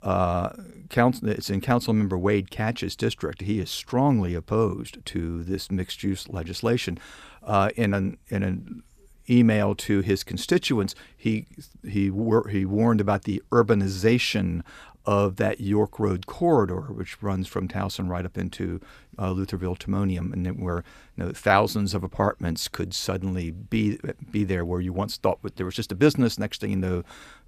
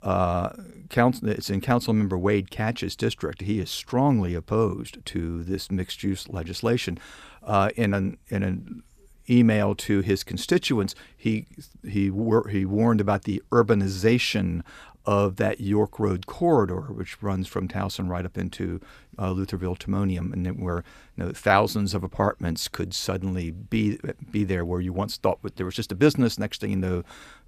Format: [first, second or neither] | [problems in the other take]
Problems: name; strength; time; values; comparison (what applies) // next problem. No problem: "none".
neither | none